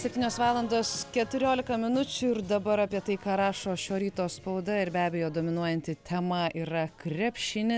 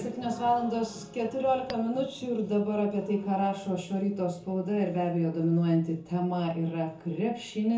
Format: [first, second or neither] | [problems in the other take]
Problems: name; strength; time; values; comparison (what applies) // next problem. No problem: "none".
first | background sound (Tap / Glass); 16 dB below the speech // room echo; dies away in 0.5 s